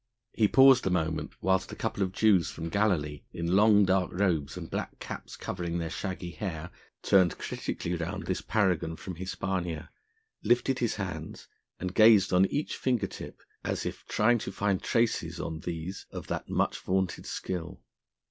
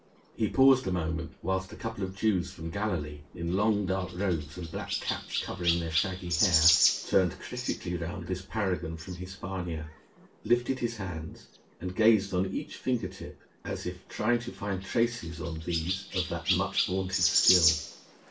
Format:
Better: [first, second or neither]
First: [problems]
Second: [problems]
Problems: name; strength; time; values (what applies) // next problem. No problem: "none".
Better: first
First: none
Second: background sound (Chirp, tweet); 5 dB below the speech // room echo; dies away in 0.2 s